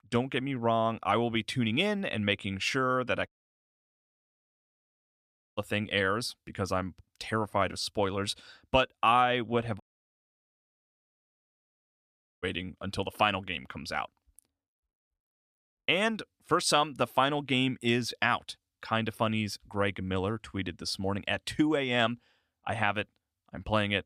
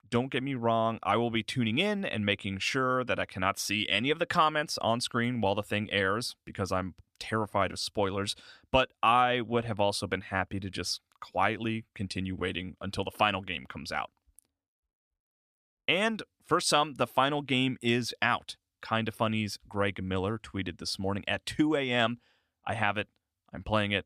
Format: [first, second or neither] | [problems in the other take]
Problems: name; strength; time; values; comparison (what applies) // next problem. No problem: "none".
second | audio cutting out; at 3.5 s for 2.5 s and at 10 s for 2.5 s